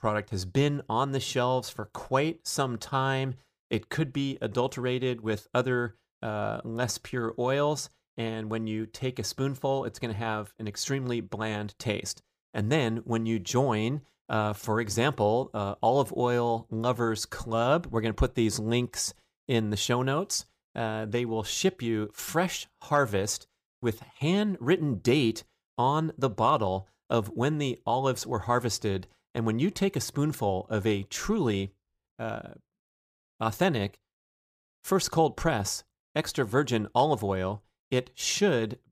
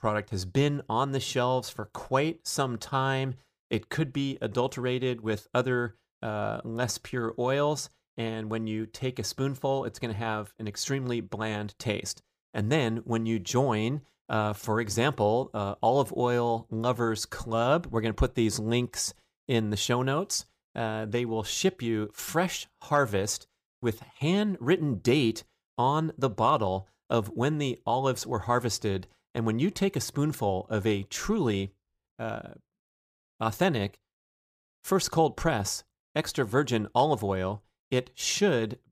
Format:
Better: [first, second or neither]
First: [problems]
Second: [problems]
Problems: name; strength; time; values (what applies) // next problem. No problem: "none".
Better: neither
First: none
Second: none